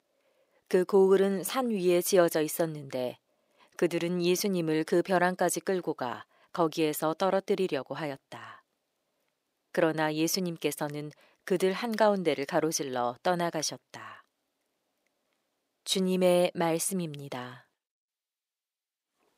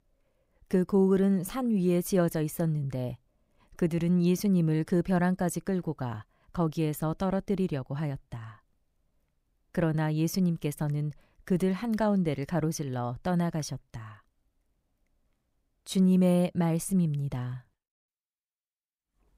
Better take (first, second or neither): second